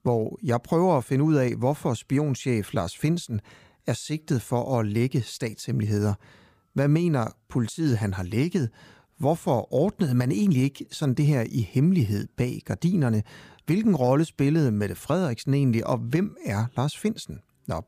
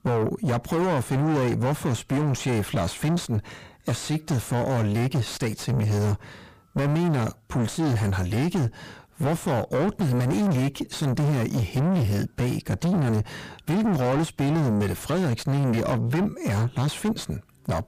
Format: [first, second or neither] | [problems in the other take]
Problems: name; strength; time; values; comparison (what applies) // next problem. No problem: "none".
first | distortion; heavy; 5 dB below the speech